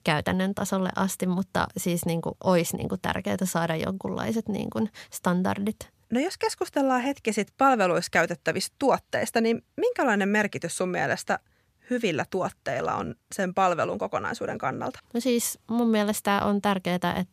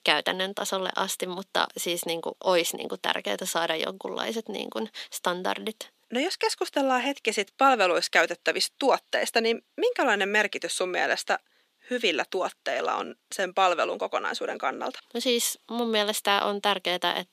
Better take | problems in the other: first | thin; somewhat; fading below 300 Hz

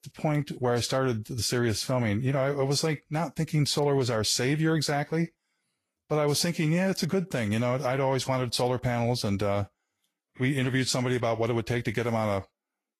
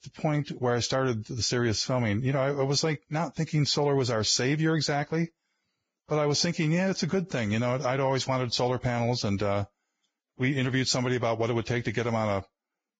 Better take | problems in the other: first | garbled, watery; badly; nothing above 7.5 kHz; slightly in the first

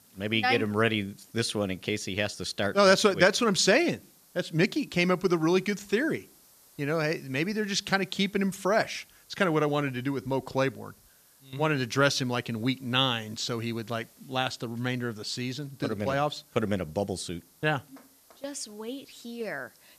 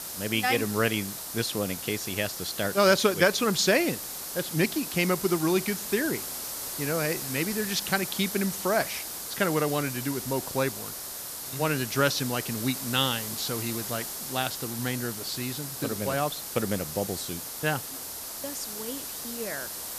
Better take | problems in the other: first | hiss; loud; throughout; 5 dB below the speech; faint in the first

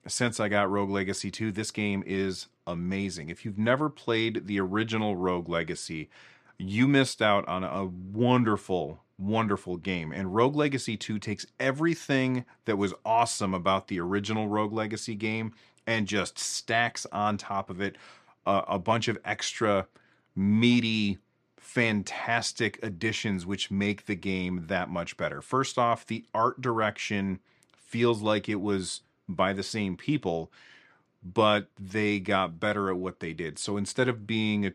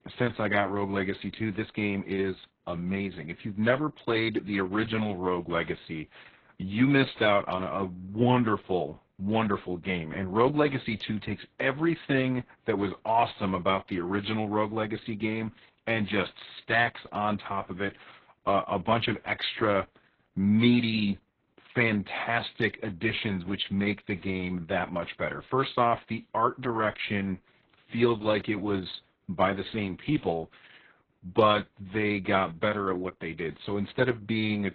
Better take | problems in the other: first | garbled, watery; badly; nothing above 4 kHz

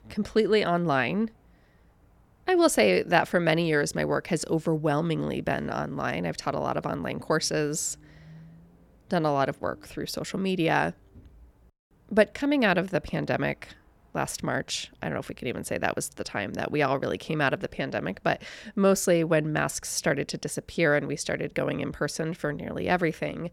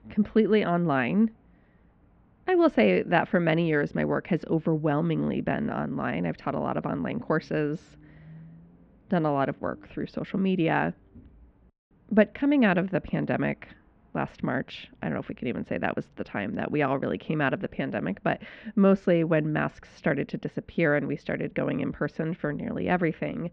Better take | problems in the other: first | muffled; very; fading above 3 kHz

